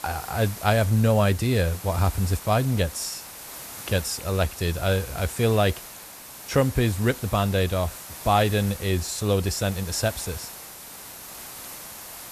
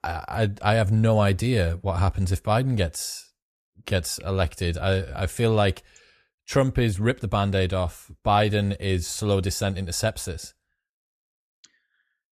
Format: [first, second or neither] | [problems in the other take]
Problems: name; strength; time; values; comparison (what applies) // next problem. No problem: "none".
second | hiss; noticeable; throughout; 15 dB below the speech